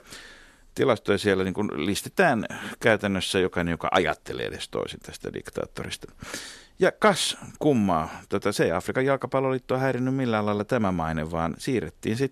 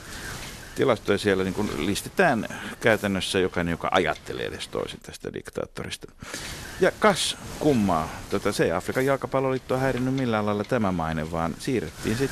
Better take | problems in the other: first | wind noise on the microphone; occasional gusts; until 5 s and from 6.5 s on; 15 dB below the speech

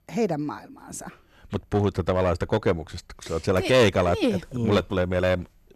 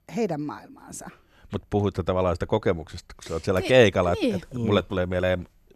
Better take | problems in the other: second | distortion; slight; 4% of the sound clipped

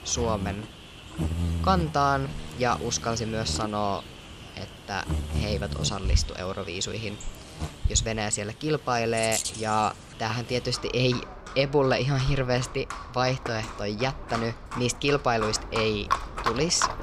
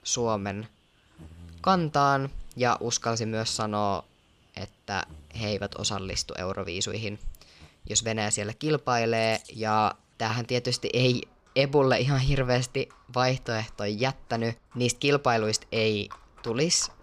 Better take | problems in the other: second | animal sounds; loud; throughout; 7 dB below the speech; faint in the second

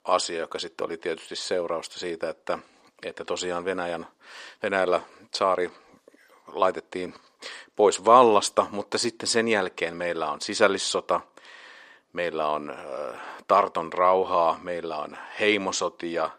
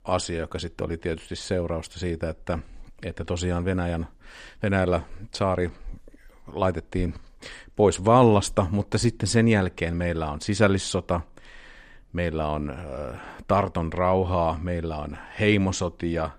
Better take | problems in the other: second | thin; somewhat; fading below 450 Hz

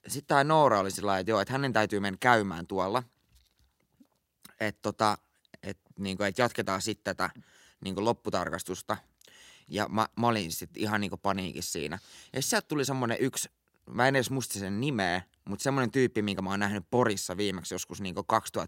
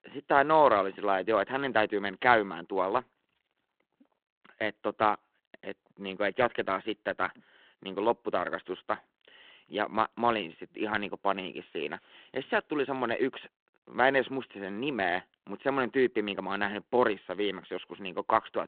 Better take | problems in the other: first | phone-call audio; nothing above 3.5 kHz

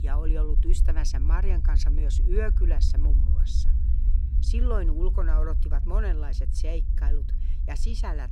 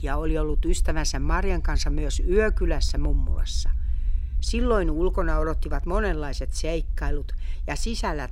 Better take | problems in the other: second | low rumble; loud; throughout; 9 dB below the speech; faint in the second

